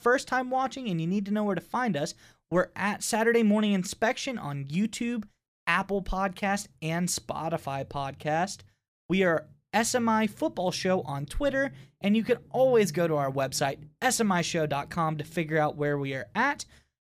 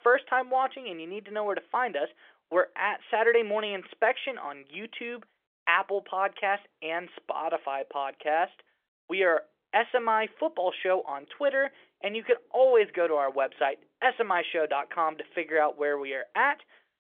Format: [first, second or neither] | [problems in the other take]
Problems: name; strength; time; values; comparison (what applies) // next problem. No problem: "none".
first | phone-call audio; nothing above 3.5 kHz